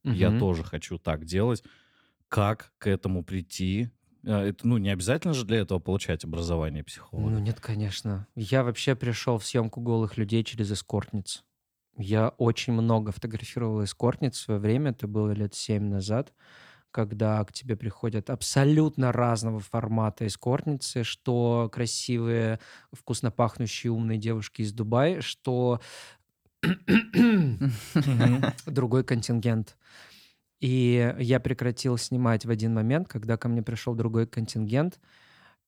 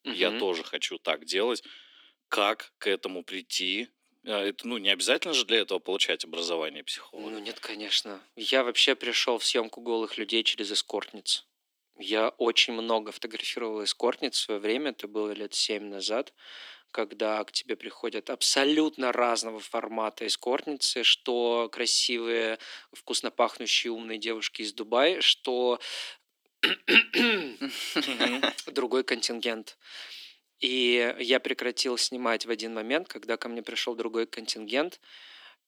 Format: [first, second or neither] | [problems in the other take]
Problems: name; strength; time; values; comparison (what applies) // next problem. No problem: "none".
first | thin; somewhat; fading below 300 Hz